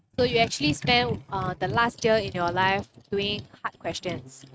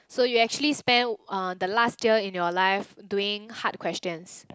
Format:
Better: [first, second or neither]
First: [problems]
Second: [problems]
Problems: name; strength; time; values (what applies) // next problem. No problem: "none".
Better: second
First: noise reduction (neural mask model RNNoise)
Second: none